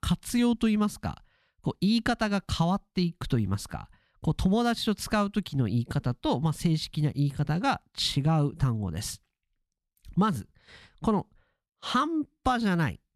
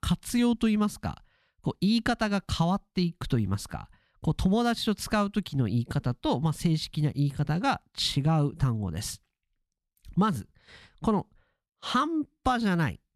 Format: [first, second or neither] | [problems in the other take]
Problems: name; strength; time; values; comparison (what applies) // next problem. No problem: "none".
neither | none